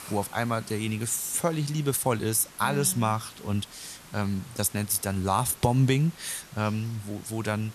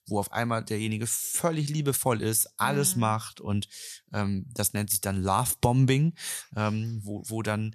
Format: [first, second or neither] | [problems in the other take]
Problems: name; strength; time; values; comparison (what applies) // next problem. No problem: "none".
second | hiss; noticeable; throughout; 20 dB below the speech